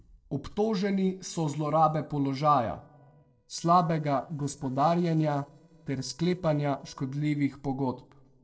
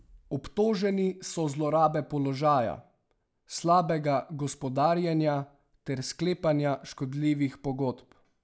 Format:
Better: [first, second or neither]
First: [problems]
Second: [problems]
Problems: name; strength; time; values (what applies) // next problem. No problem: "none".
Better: second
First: noise reduction (neural separator model SepFormer DNS4)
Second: none